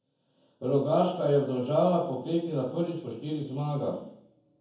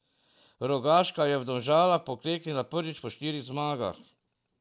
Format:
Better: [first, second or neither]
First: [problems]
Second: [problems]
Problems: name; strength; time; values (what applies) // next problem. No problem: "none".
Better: second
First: room echo; dies away in 0.7 s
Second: none